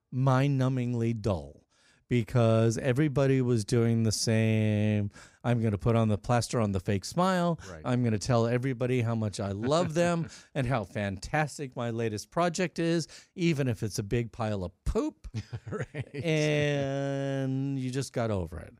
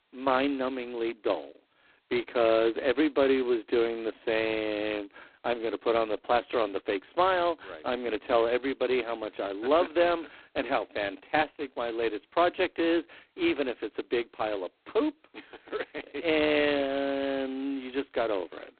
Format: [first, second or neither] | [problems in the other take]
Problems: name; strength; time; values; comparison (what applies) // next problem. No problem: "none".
first | phone-call audio; poor line; nothing above 4 kHz